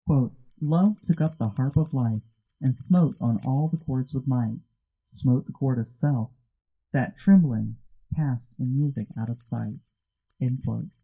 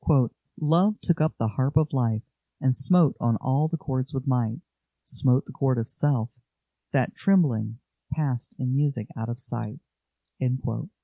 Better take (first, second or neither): second